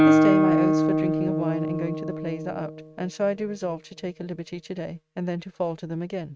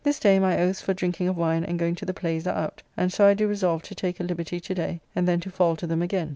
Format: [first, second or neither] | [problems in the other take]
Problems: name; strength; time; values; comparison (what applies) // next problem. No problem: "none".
second | noise reduction (neural mask model RNNoise)